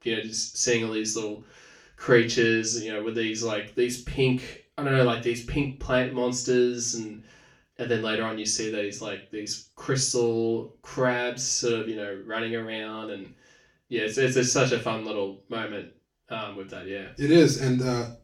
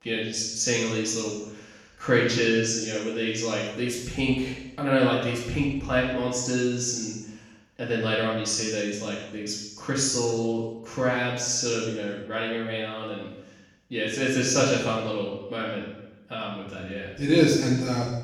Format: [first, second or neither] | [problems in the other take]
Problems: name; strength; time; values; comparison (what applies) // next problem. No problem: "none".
first | room echo; strong; dies away in 0.9 s; slight in the first // off-mic speech; far; far in the first